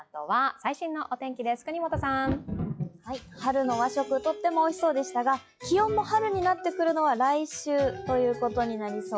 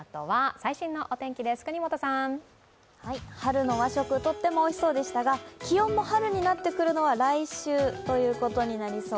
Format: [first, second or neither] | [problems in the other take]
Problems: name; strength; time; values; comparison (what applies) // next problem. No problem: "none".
second | noise reduction (classical method log-MMSE)